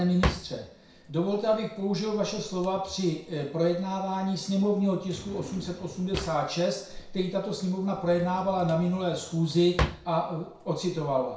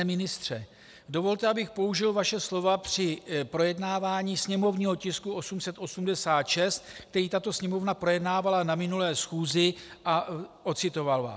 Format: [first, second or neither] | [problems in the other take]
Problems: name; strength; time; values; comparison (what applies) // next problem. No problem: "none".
second | background sound (Drawer open or close); 11 dB below the speech // room echo; dies away in 0.6 s